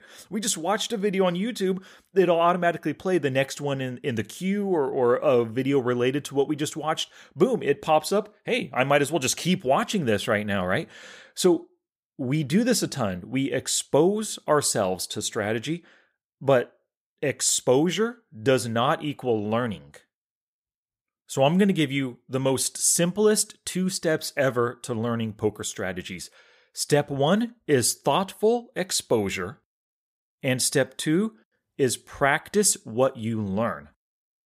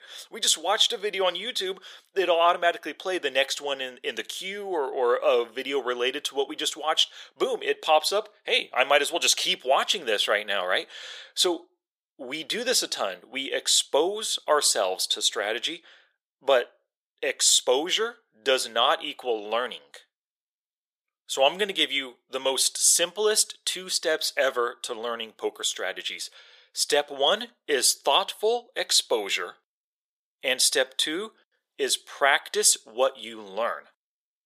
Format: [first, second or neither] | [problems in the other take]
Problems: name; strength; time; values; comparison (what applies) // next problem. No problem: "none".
first | thin; very; fading below 450 Hz